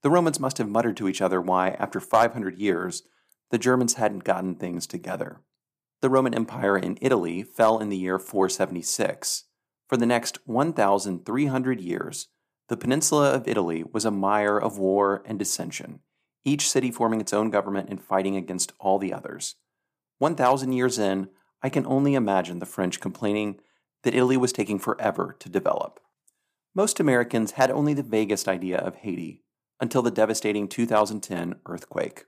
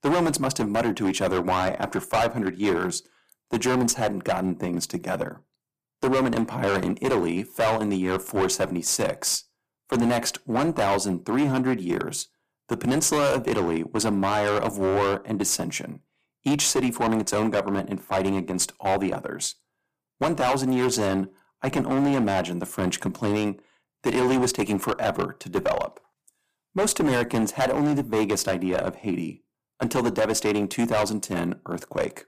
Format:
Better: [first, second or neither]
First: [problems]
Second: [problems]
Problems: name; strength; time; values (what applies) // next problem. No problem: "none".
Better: first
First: none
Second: distortion; heavy; 11% of the sound clipped